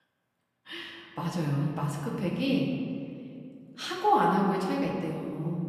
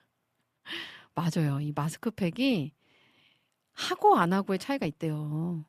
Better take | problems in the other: second | off-mic speech; far // room echo; noticeable; dies away in 1.9 s

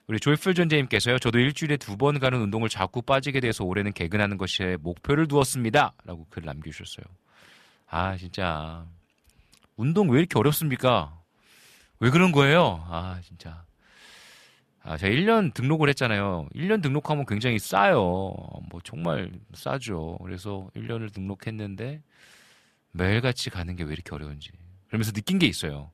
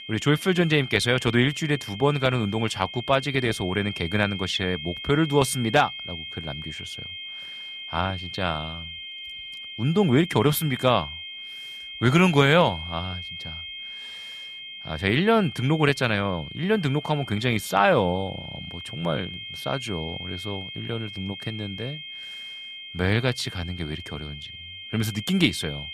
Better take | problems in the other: first | high-pitched whine; noticeable; throughout; 3 kHz, 10 dB below the speech

